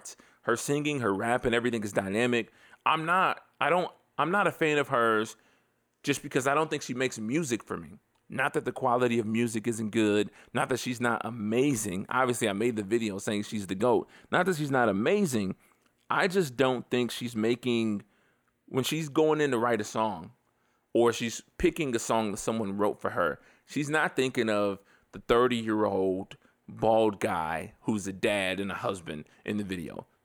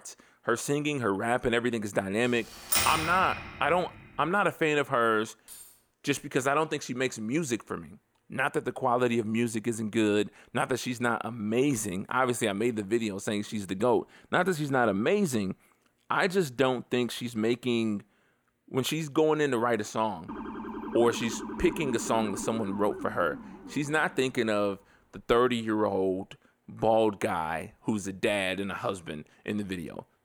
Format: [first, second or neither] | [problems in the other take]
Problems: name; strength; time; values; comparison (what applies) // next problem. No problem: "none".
first | keyboard typing; loud; at 2.5 s; peak 4 dB above the speech // jangling keys; faint; at 5.5 s; peak 20 dB below the speech // siren; noticeable; from 20 to 24 s; peak 8 dB below the speech